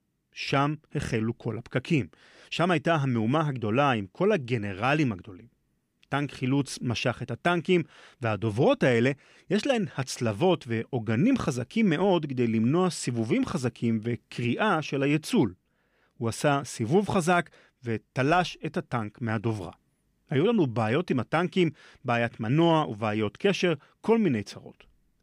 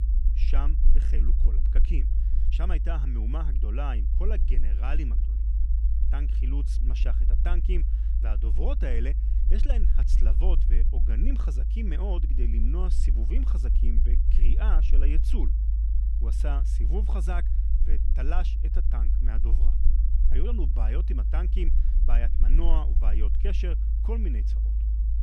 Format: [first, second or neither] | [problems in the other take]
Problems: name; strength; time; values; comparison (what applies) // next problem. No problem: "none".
first | low rumble; loud; throughout; 7 dB below the speech